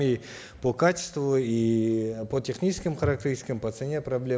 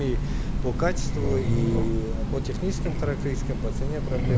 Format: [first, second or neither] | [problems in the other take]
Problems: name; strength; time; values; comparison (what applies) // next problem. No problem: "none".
first | background sound (Train); 4 dB above the speech